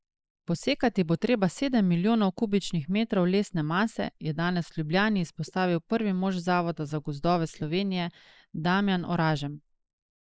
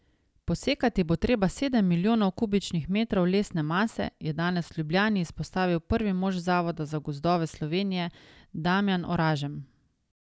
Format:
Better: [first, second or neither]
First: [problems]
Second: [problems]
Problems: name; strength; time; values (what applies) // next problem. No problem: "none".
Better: second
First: noise reduction (neural mask model Resemble Enhance denoiser)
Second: none